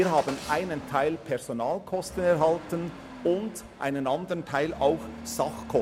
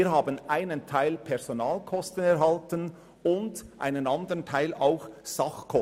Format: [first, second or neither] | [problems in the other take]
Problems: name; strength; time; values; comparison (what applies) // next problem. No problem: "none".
second | background sound (Engine starting / Accelerating, revving, vroom / Motor vehicle (road)); 14 dB below the speech